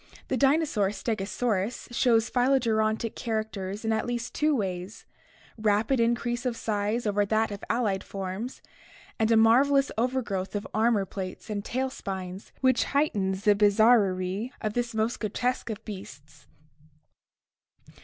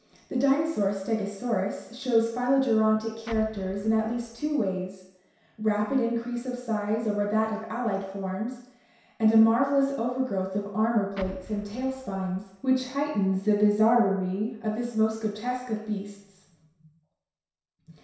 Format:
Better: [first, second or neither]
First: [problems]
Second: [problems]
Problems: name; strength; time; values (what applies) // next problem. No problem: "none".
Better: first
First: none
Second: background sound (Explosion); 18 dB below the speech // room echo; dies away in 0.7 s